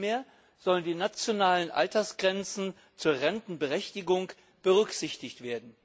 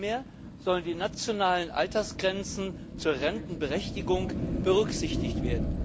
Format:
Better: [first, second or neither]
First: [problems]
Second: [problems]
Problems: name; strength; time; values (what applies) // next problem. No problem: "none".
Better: first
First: none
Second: background sound (Fire); 4 dB below the speech